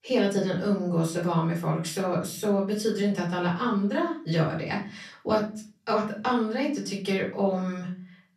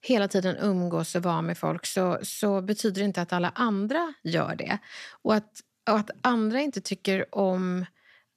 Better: second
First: room echo; slight; dies away in 0.4 s // off-mic speech; far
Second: none

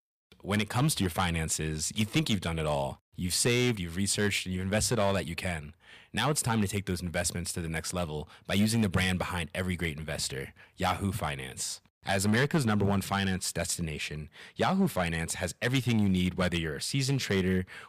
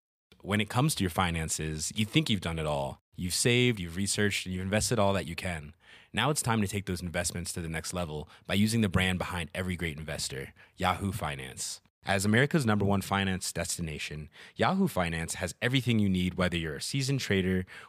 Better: second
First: distortion; slight; 3% of the sound clipped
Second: none

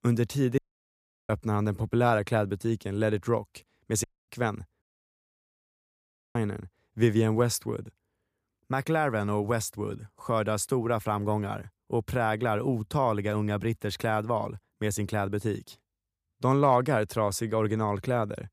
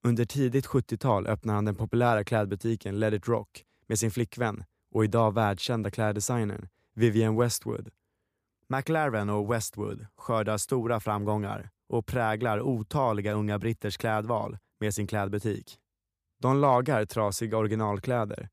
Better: second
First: audio cutting out; at 0.5 s for 0.5 s, at 4 s and at 5 s for 1.5 s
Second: none

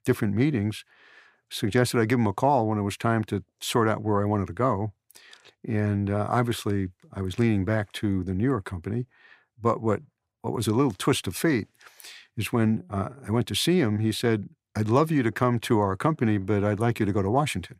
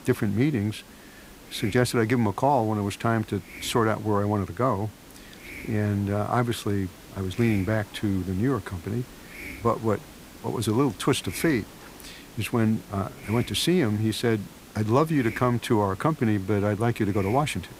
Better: first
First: none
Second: hiss; noticeable; throughout; 20 dB below the speech

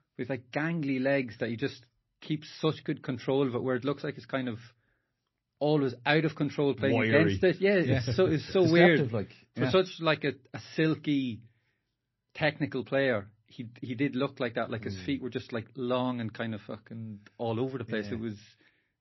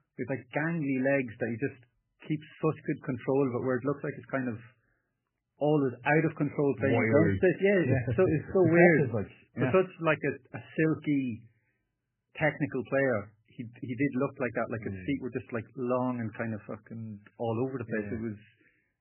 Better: first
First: garbled, watery; slightly; nothing above 5.5 kHz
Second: garbled, watery; badly; nothing above 2.5 kHz

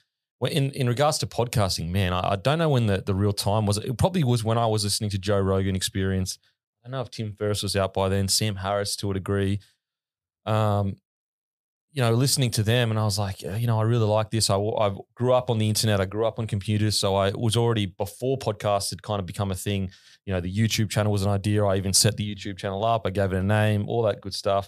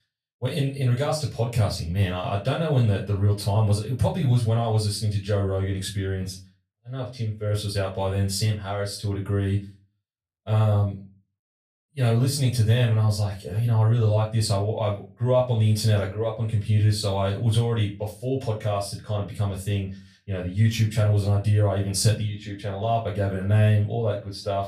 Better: first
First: none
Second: off-mic speech; far // room echo; slight; dies away in 0.3 s

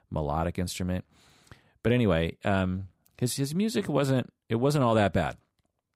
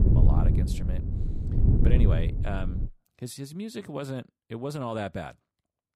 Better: first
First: none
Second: wind noise on the microphone; heavy; until 3 s; 1 dB below the speech

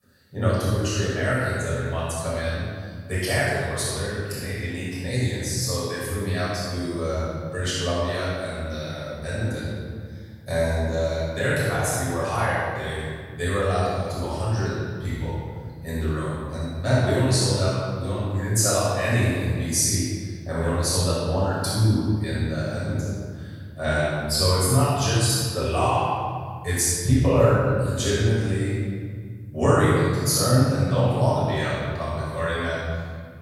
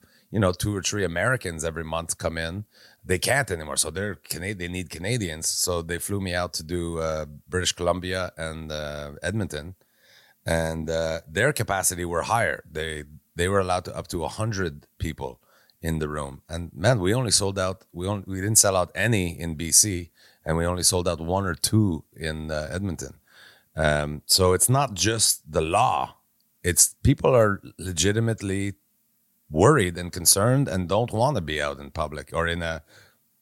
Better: second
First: off-mic speech; far // room echo; strong; dies away in 2.1 s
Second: none

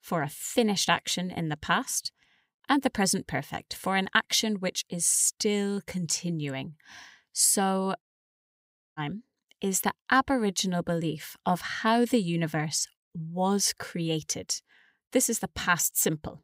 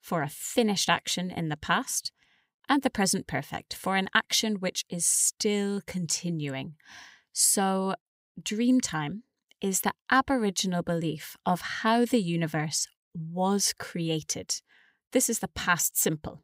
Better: second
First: audio cutting out; at 8 s for 1 s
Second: none

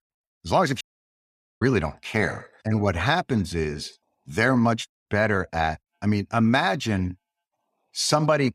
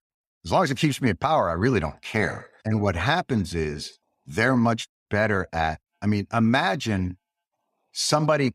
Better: second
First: audio cutting out; at 1 s for 1 s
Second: none

